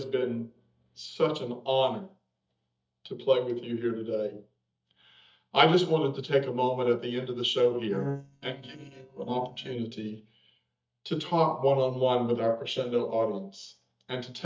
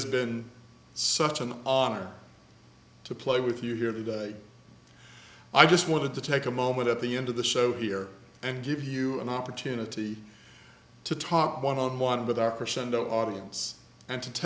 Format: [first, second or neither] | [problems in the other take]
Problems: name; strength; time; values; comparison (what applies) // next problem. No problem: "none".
second | noise reduction (neural mask model DeepFilterNet 3)